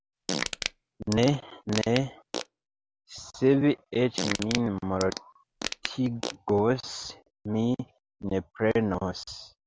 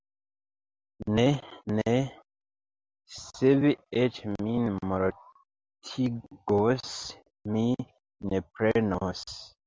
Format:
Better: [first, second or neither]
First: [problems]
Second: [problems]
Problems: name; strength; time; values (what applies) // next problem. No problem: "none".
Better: second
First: background sound (Fart); 7 dB below the speech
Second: none